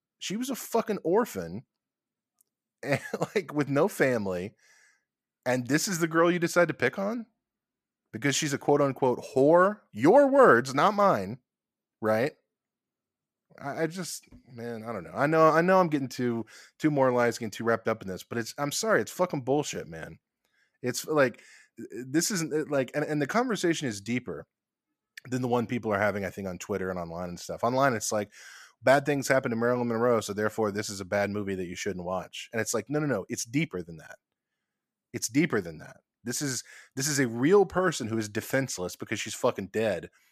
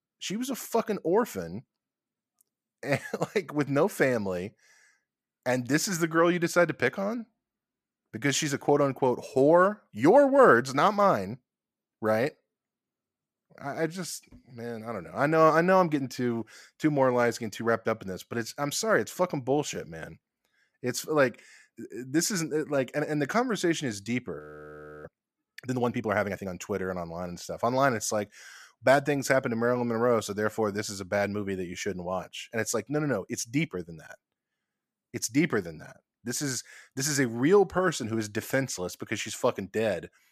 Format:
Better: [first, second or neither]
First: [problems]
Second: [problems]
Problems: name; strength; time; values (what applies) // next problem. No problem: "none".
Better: first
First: none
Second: audio freezing; at 24 s for 0.5 s